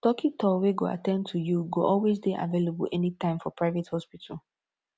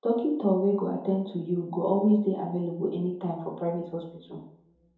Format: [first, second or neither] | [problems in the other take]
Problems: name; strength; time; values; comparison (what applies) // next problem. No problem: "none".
first | room echo; dies away in 2.6 s